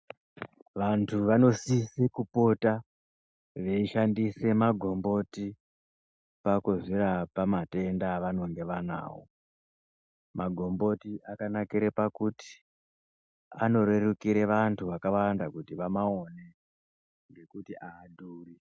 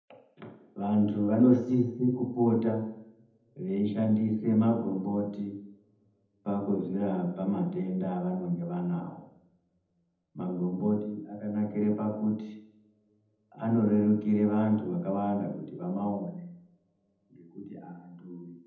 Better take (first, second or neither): first